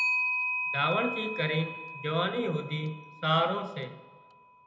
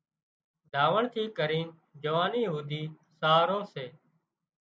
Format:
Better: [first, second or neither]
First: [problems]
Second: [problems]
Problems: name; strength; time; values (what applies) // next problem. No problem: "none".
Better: second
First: background sound (Clock); 3 dB below the speech // room echo; dies away in 0.8 s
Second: none